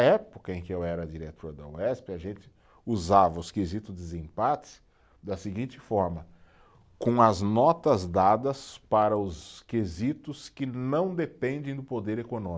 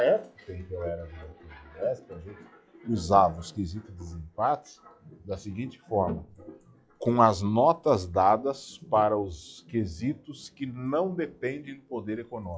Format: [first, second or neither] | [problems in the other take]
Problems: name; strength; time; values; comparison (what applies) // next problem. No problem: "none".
first | noise reduction (classical method log-MMSE)